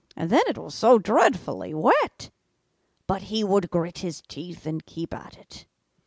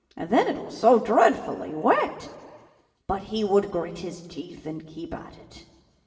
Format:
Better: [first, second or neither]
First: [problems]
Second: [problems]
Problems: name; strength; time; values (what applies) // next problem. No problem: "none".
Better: first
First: none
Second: room echo; dies away in 1.7 s